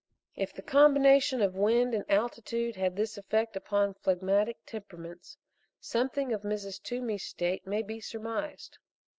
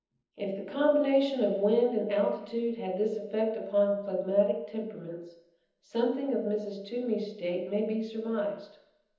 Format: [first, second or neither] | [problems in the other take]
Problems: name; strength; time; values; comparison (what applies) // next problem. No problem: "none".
first | room echo; dies away in 1.3 s